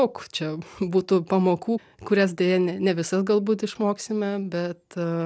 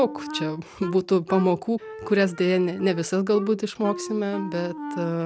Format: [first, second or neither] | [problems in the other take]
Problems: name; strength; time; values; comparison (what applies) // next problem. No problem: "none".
first | background sound (Wind instrument, woodwind instrument); 12 dB below the speech